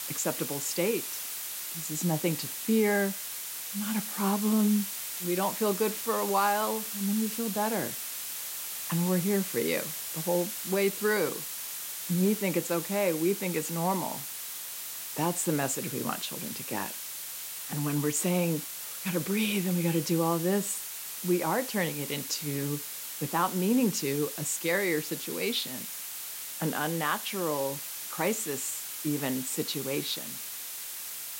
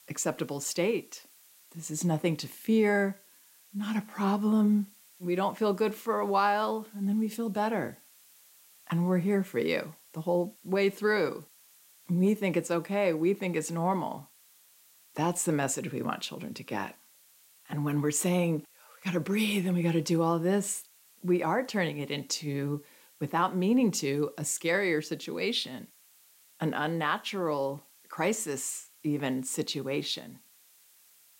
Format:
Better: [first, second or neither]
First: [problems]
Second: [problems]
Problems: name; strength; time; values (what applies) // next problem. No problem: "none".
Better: second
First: hiss; loud; throughout; 5 dB below the speech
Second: hiss; faint; throughout; 25 dB below the speech